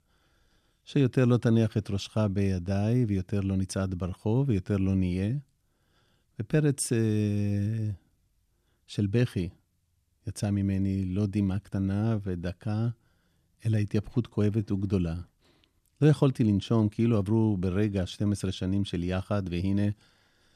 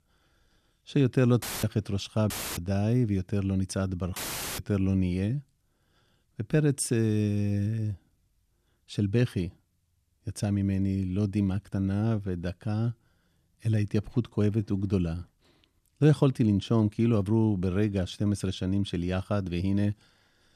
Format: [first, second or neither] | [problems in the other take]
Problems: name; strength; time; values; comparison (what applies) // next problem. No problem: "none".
first | audio cutting out; filled with static; at 1.5 s, at 2.5 s and at 4 s